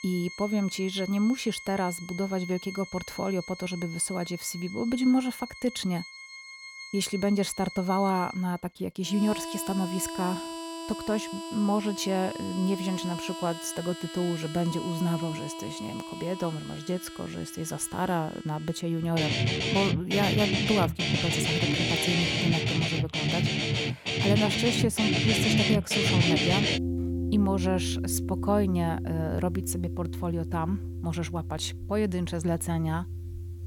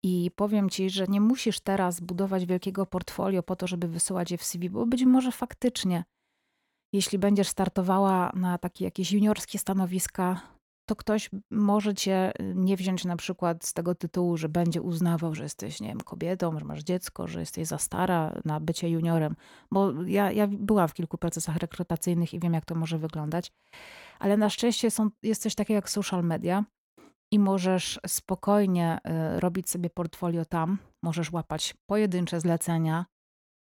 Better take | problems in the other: second | background music; loud; throughout; 1 dB below the speech

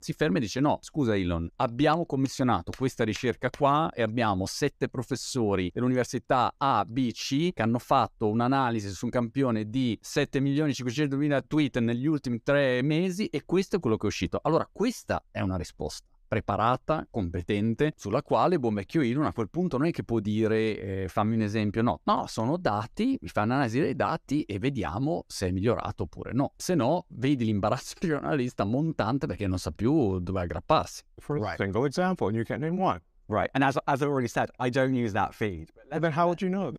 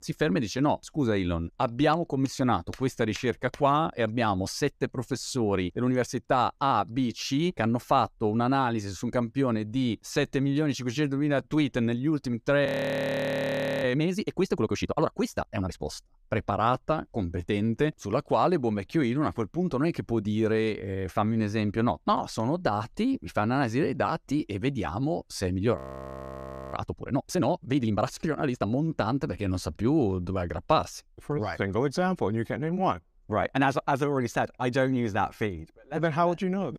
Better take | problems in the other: first | audio freezing; at 13 s for 1 s and at 26 s for 1 s

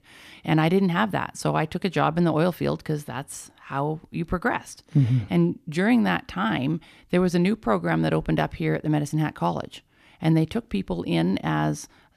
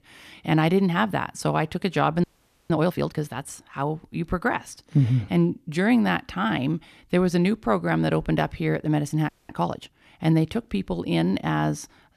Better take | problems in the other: first | audio freezing; at 2 s and at 9.5 s

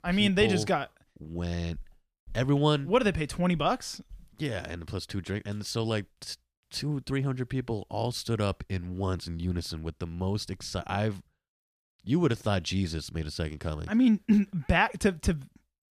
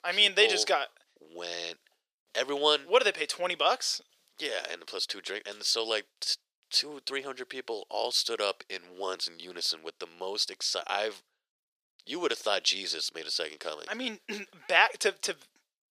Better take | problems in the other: first | thin; very; fading below 450 Hz

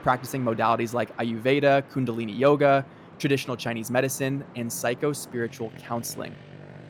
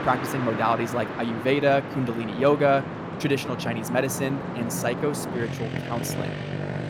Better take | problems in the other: first | traffic noise; loud; throughout; 6 dB below the speech; faint in the first

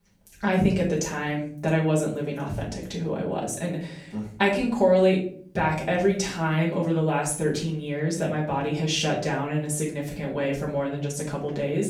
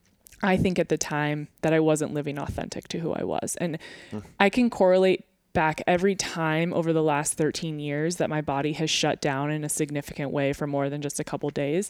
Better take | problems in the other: second | off-mic speech; far // room echo; slight; dies away in 0.5 s

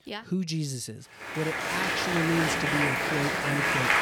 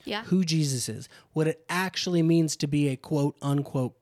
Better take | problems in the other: second | crowd noise; very loud; from 1.5 s on; 5 dB above the speech

